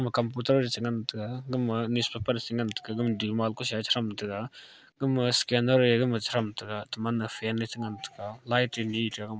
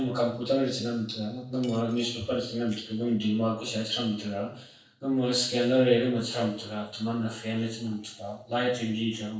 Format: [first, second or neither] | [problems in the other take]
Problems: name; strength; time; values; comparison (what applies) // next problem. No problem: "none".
first | noise reduction (neural separator model SepFormer DNS4)